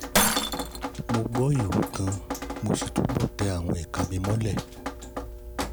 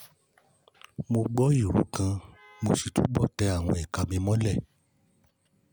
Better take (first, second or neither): second